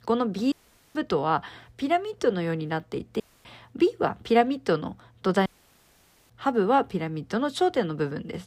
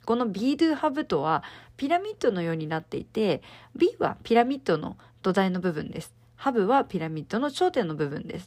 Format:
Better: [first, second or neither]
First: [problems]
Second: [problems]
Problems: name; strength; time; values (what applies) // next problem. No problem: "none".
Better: second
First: audio cutting out; at 0.5 s, at 3 s and at 5.5 s for 1 s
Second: none